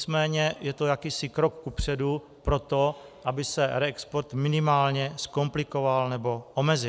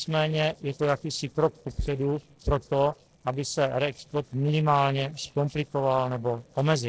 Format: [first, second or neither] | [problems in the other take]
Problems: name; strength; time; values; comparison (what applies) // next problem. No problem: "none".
first | noise reduction (neural separator model SepFormer DNS4)